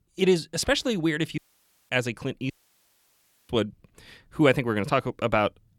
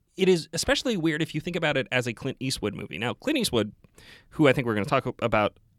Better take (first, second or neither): second